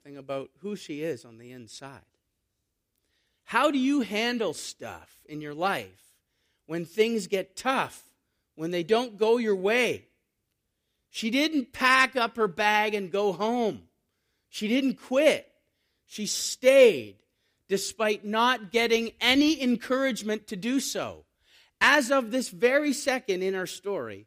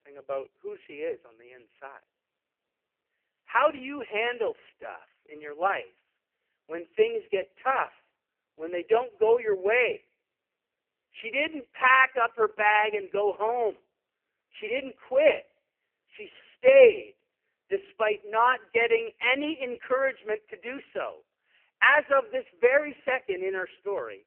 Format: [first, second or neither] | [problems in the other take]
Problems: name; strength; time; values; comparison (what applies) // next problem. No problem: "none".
first | phone-call audio; poor line; nothing above 3 kHz